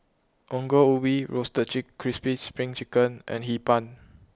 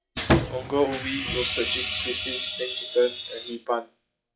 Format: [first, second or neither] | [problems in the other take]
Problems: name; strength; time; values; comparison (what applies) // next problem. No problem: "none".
first | noise reduction (classical method WPE with log-MMSE)